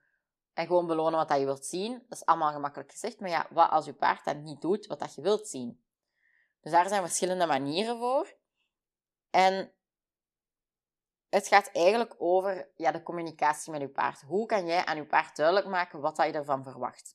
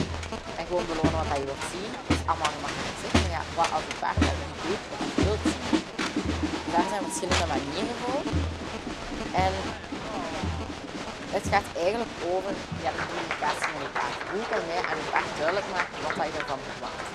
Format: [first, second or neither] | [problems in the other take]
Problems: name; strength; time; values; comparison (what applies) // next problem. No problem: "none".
first | crowd noise; very loud; throughout; 1 dB above the speech